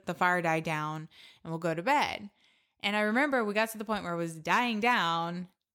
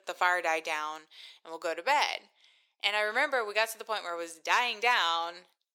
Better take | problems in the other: first | thin; very; fading below 400 Hz

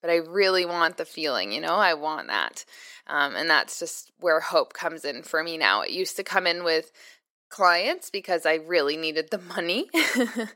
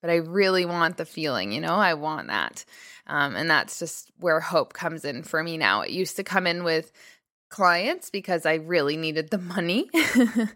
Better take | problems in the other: second | thin; somewhat; fading below 400 Hz

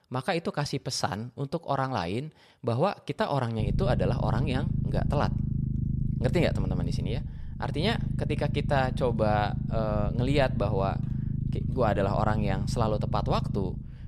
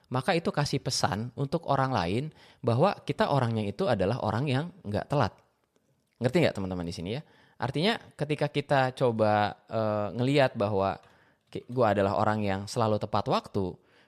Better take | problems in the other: second | low rumble; noticeable; from 3.5 s on; 10 dB below the speech

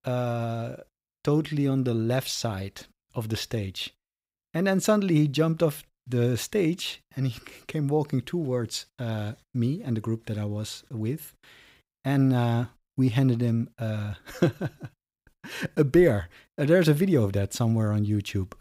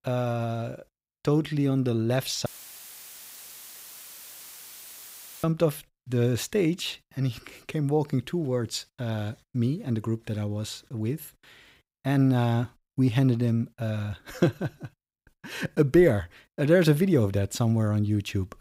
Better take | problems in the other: first | audio cutting out; filled with static; at 2.5 s for 3 s

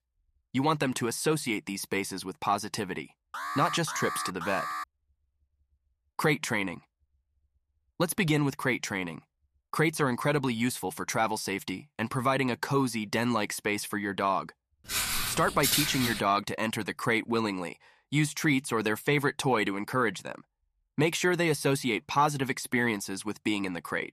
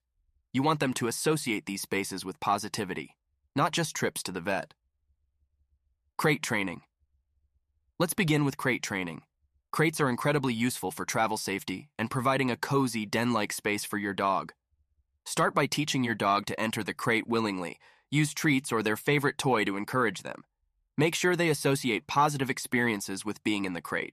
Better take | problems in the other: second | alarm; noticeable; from 3.5 to 5 s; peak 5 dB below the speech // footsteps; loud; from 15 to 16 s; peak 3 dB above the speech

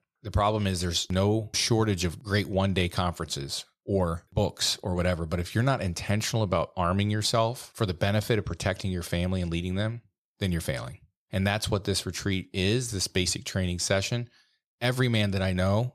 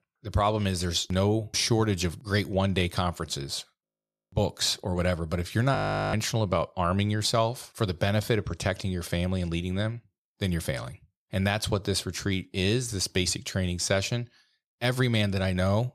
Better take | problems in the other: first | audio freezing; at 4 s and at 6 s

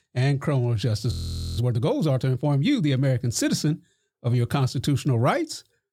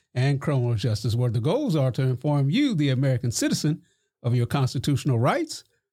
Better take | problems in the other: second | audio freezing; at 1 s

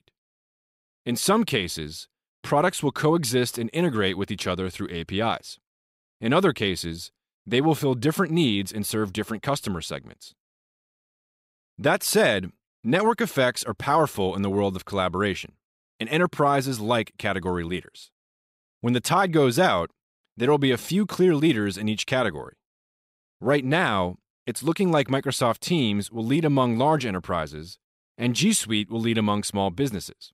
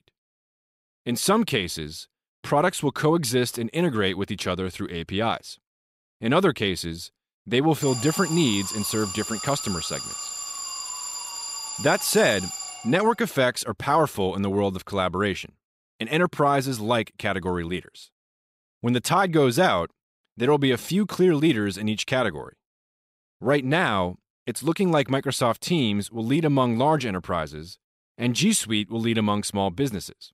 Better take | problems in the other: first | alarm; noticeable; from 8 to 13 s; peak 6 dB below the speech

